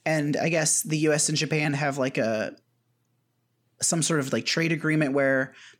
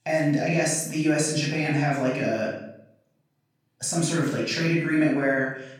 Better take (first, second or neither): first